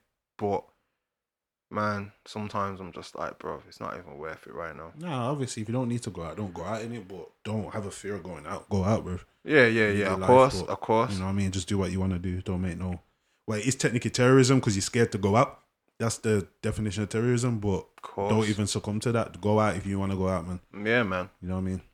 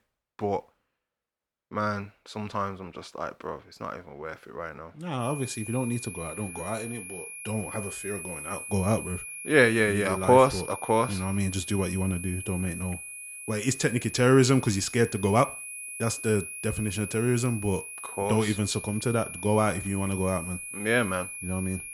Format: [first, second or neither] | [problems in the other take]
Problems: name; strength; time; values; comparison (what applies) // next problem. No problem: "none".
first | high-pitched whine; loud; from 5 s on; 2.5 kHz, 10 dB below the speech